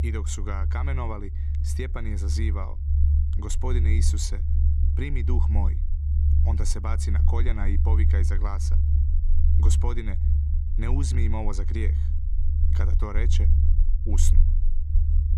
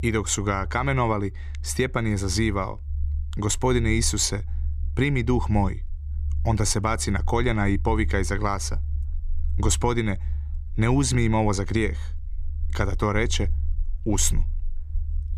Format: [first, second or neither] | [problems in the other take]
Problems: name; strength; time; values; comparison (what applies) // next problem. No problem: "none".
second | low rumble; loud; throughout; 6 dB below the speech; faint in the second